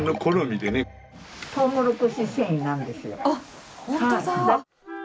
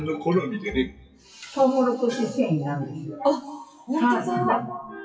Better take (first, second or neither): first